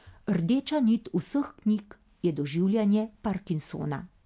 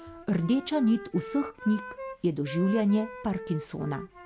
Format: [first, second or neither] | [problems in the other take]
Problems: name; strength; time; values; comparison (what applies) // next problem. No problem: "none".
first | background sound (Wind instrument, woodwind instrument); 13 dB below the speech